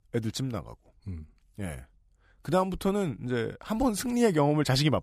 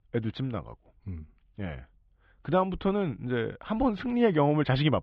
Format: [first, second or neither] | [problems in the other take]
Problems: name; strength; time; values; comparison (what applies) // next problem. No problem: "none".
first | muffled; very; fading above 3.5 kHz